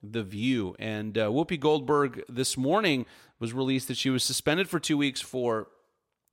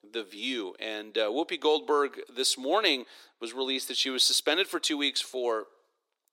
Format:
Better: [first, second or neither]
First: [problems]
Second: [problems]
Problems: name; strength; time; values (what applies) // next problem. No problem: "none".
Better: first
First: none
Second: thin; somewhat; fading below 300 Hz